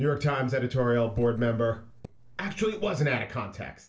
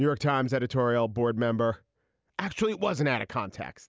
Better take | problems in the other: second | noise reduction (neural separator model SepFormer DNS4)

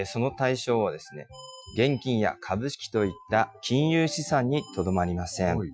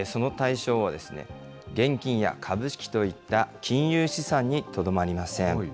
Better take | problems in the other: second | noise reduction (classical method Wiener filter)

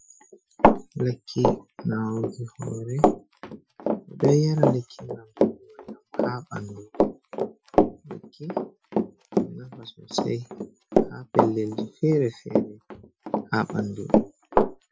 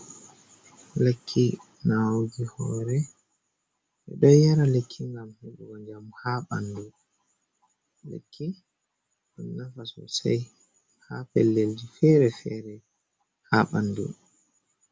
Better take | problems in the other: second | noise reduction (classical method Wiener filter)

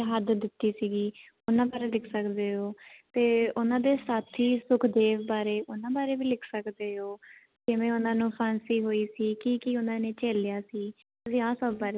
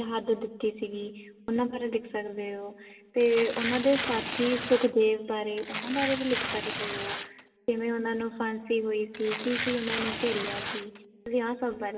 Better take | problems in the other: first | background sound (Tearing); 5 dB below the speech // room echo; dies away in 1.6 s

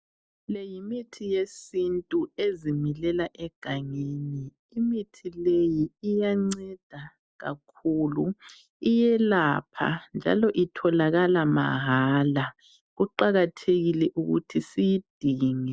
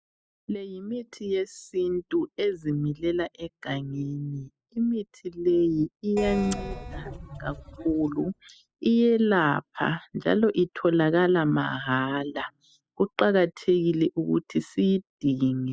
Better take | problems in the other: first | noise reduction (classical method spectral subtraction)

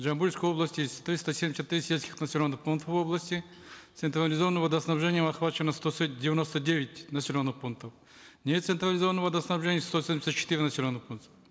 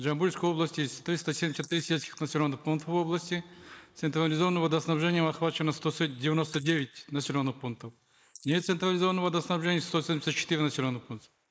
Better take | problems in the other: first | noise reduction (neural mask model Resemble Enhance denoiser)

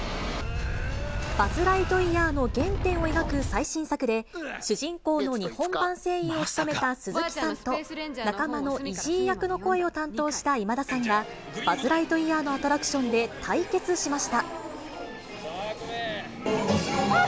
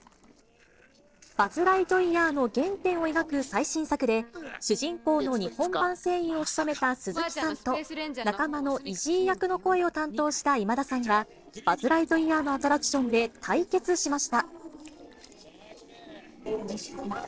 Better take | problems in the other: first | noise reduction (neural separator model SepFormer DNS4)

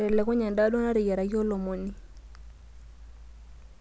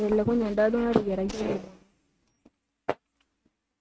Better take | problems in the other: first | noise reduction (neural mask model RNNoise)

